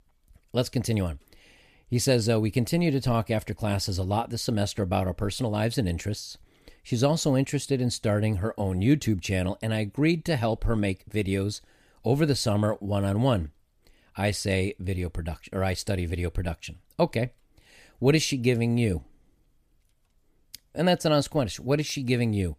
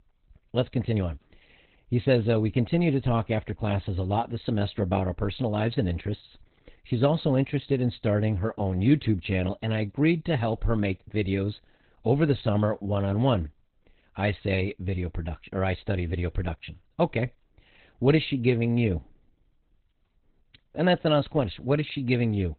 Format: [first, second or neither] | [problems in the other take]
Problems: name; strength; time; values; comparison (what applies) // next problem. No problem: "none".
first | garbled, watery; badly; nothing above 4 kHz